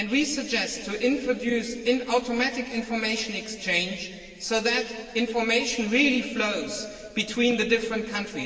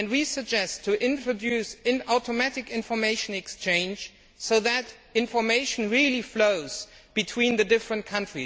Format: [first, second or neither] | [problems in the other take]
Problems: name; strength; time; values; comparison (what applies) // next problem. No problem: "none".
second | room echo; dies away in 2.3 s